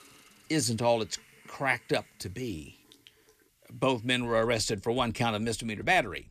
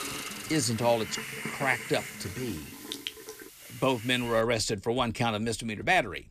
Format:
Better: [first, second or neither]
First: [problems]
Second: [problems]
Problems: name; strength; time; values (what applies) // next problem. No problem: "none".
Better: first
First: hiss; faint; until 4.5 s; 30 dB below the speech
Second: hiss; loud; until 4.5 s; 10 dB below the speech